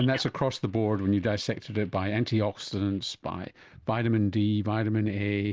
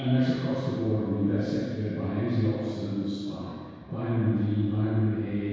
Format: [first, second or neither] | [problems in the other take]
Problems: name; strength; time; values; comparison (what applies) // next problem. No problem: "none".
first | room echo; dies away in 2 s